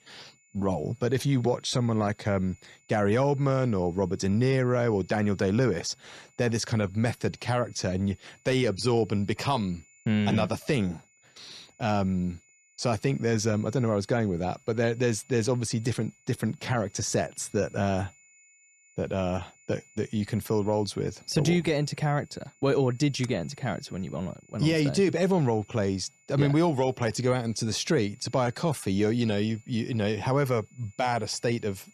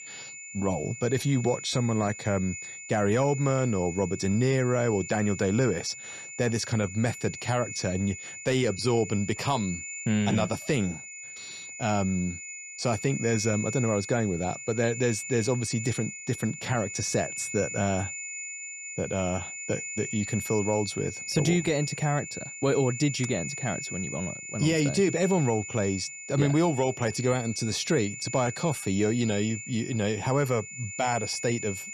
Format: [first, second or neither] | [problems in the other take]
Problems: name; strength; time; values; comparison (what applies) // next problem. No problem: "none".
first | high-pitched whine; loud; throughout; 7 kHz, 9 dB below the speech; faint in the first